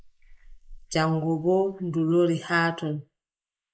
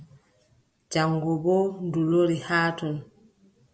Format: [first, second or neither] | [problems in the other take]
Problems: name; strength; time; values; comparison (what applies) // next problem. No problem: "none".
second | noise reduction (neural mask model Resemble Enhance denoiser)